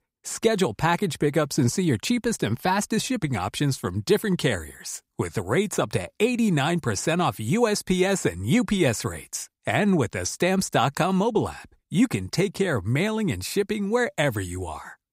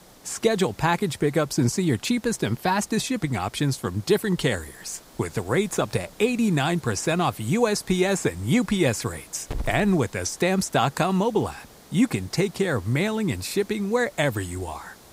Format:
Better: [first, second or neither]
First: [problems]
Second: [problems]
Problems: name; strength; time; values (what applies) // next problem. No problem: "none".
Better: first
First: none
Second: hiss; faint; throughout; 20 dB below the speech